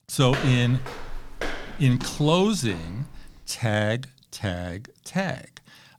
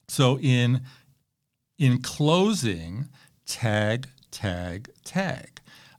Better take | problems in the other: second | footsteps; noticeable; until 3.5 s; peak 6 dB below the speech

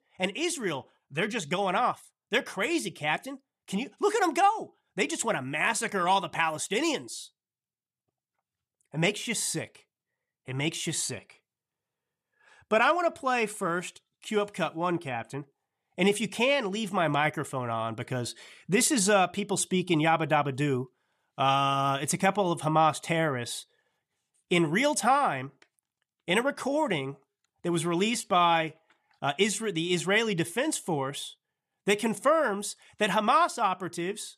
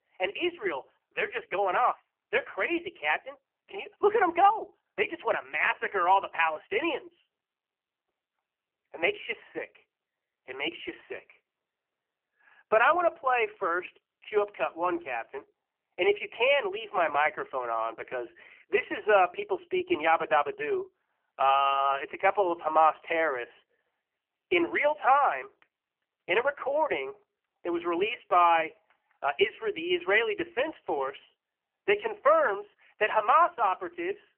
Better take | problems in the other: first | phone-call audio; poor line; nothing above 3 kHz

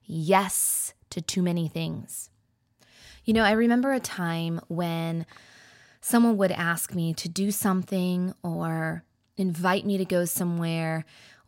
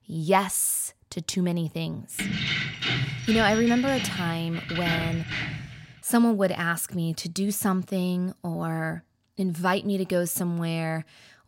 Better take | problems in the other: first | jangling keys; loud; from 2 to 6 s; peak level with the speech

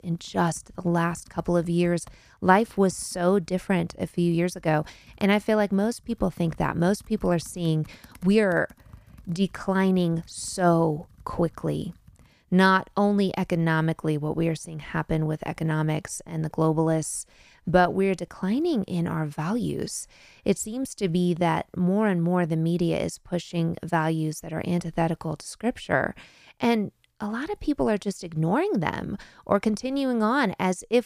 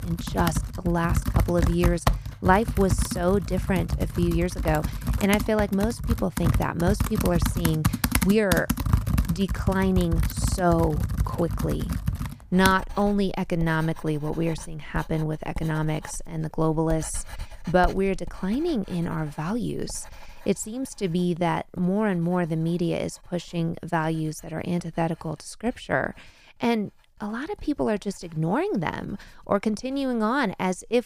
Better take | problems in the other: first | household noises; loud; throughout; 3 dB below the speech; faint in the first

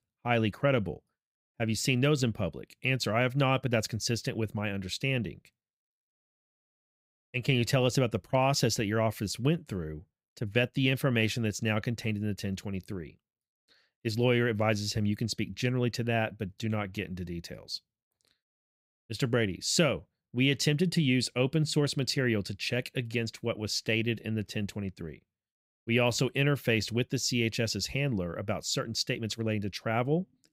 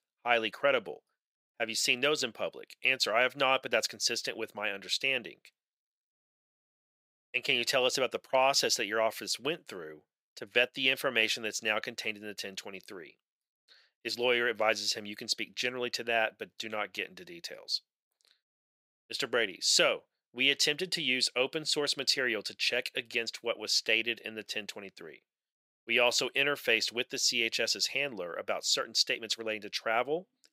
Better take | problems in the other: first | thin; very; fading below 550 Hz

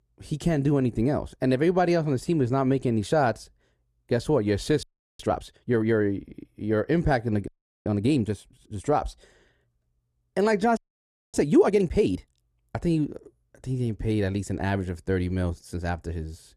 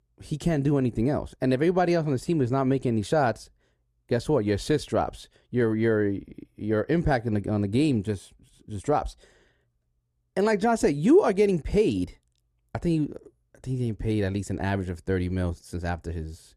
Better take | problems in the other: second | audio freezing; at 5 s, at 7.5 s and at 11 s for 0.5 s

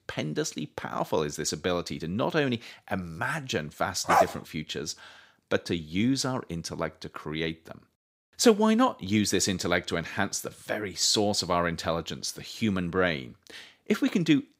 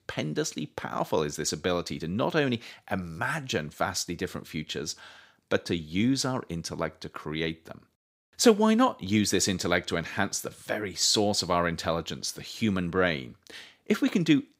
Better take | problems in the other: second | dog barking; loud; at 4 s; peak 4 dB above the speech

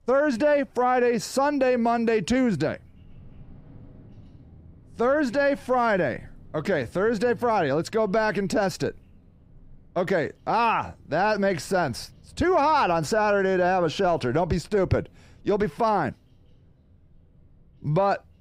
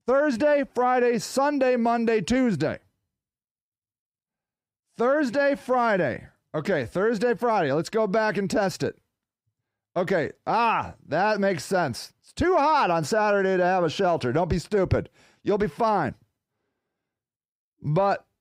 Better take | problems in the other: second | animal sounds; faint; throughout; 30 dB below the speech

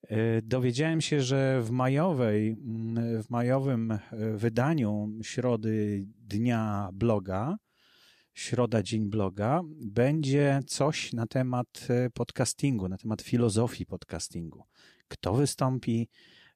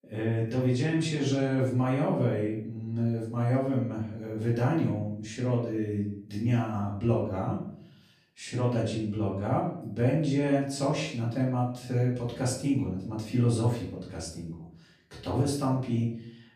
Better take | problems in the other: first | room echo; noticeable; dies away in 0.5 s // off-mic speech; far

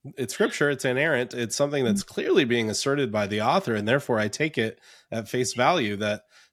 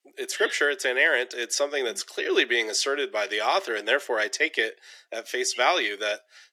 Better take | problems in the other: first | thin; very; fading below 350 Hz

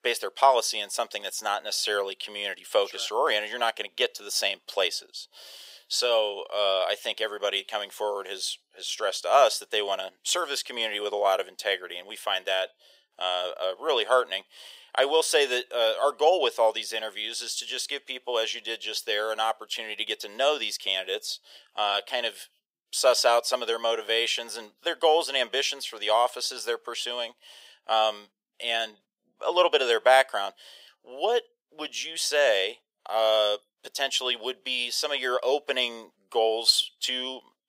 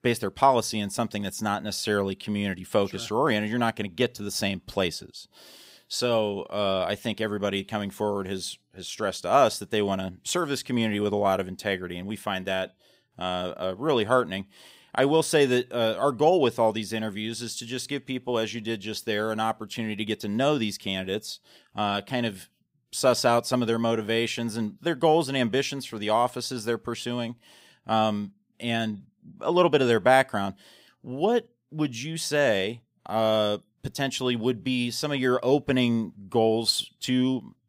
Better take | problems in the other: second | thin; very; fading below 500 Hz

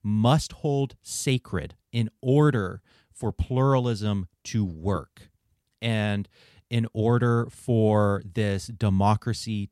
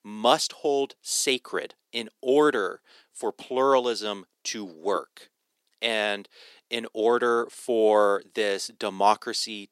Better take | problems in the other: first | thin; very; fading below 350 Hz

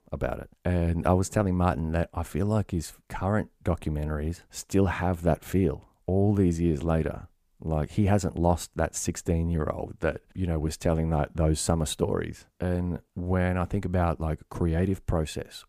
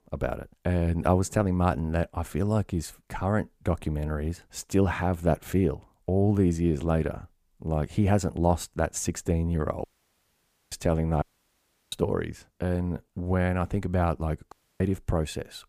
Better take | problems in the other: first | audio cutting out; at 10 s for 1 s, at 11 s for 0.5 s and at 15 s

